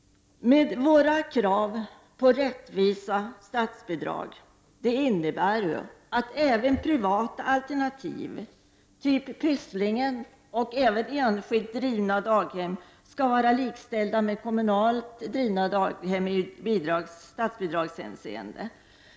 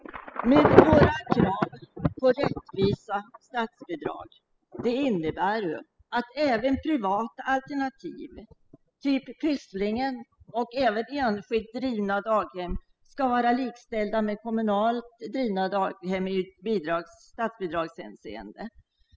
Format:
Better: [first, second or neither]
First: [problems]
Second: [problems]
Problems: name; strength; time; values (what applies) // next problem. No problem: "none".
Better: first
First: none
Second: noise reduction (classical method spectral subtraction)